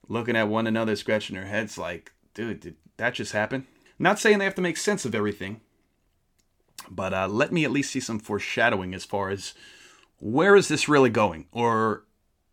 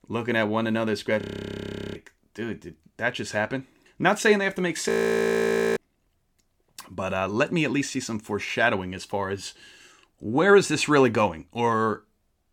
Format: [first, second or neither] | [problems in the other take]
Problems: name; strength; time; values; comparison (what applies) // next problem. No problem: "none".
first | audio freezing; at 1 s for 0.5 s and at 5 s for 1 s